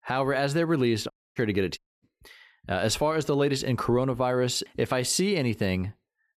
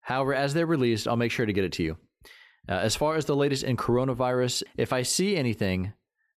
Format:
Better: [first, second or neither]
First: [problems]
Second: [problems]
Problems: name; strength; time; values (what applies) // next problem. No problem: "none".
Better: second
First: audio cutting out; at 1 s and at 2 s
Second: none